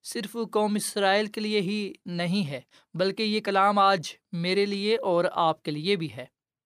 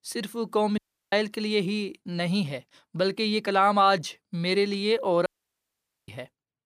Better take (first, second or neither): first